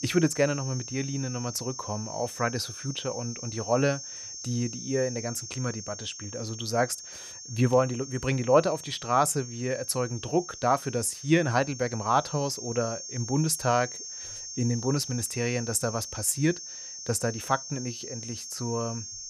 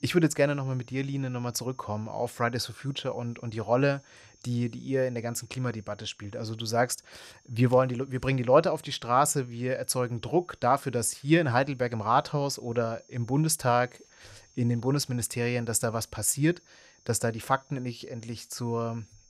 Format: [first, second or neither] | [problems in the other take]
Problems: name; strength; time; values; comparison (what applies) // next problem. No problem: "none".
second | high-pitched whine; loud; throughout; 6.5 kHz, 9 dB below the speech; faint in the second